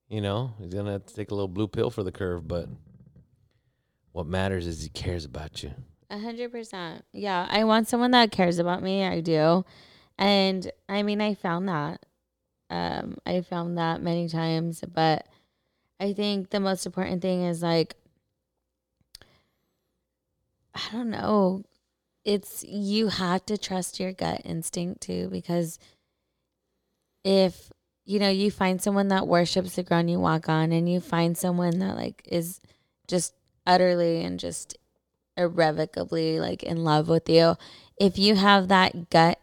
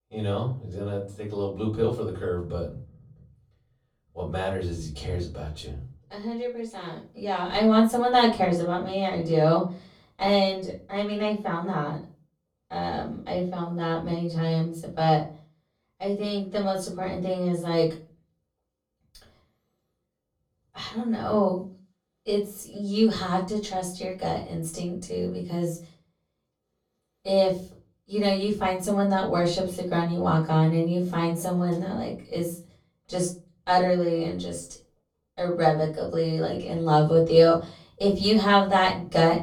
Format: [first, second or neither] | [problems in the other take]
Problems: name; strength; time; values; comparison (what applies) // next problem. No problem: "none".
first | off-mic speech; far // room echo; slight; dies away in 0.3 s